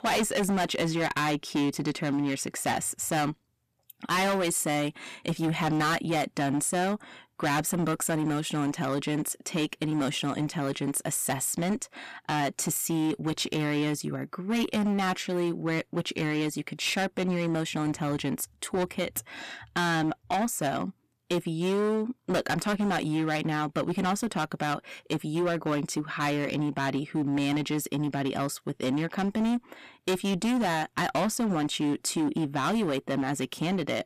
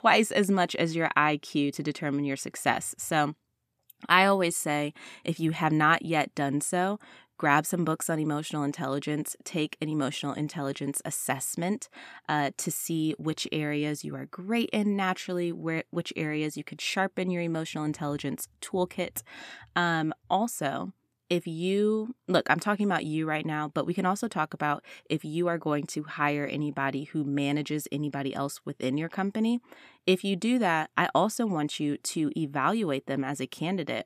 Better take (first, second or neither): second